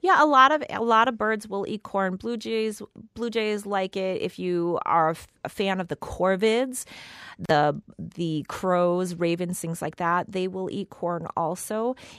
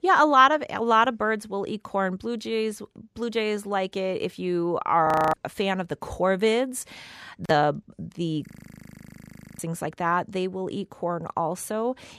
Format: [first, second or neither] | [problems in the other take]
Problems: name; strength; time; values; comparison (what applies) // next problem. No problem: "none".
first | audio freezing; at 5 s and at 8.5 s for 1 s